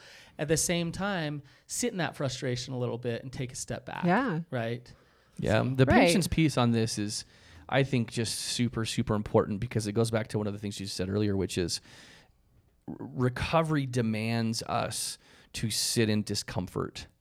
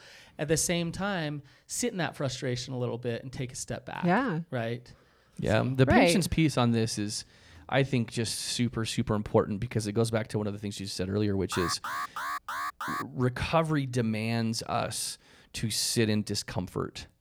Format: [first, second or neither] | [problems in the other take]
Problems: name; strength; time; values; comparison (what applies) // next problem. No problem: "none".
first | alarm; noticeable; from 12 to 13 s; peak 4 dB below the speech